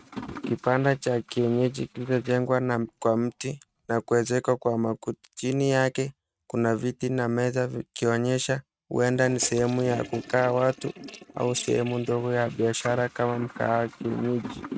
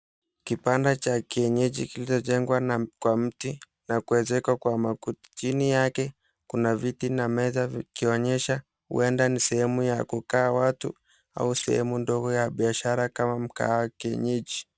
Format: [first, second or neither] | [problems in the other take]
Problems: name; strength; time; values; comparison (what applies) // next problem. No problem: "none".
second | noise reduction (neural mask model RNNoise)